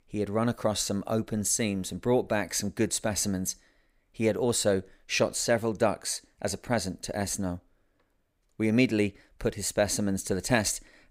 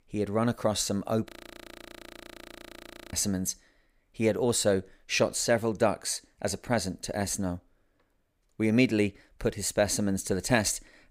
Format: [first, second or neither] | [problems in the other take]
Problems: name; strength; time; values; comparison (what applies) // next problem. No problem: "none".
first | audio freezing; at 1.5 s for 2 s